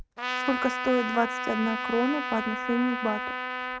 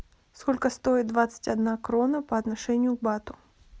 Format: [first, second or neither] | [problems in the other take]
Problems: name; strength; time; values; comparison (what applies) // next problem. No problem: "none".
second | noise reduction (neural mask model RNNoise)